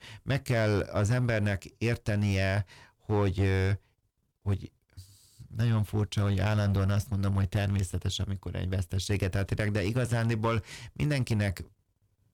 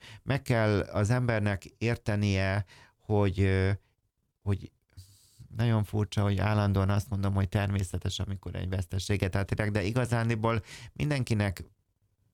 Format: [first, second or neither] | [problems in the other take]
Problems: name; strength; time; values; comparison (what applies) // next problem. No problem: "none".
second | distortion; slight; 5% of the sound clipped